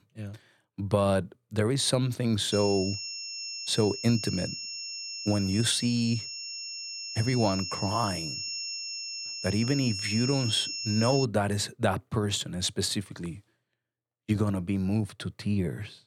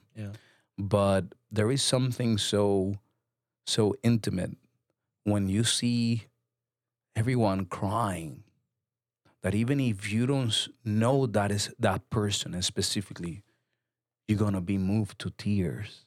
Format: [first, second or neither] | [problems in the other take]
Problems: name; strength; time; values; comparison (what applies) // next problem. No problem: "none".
second | high-pitched whine; loud; from 2.5 to 11 s; 5.5 kHz, 5 dB below the speech